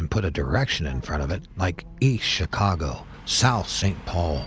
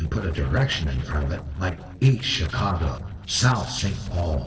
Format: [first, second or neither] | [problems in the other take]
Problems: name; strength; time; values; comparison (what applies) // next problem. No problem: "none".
first | noise reduction (neural separator model SepFormer DNS4)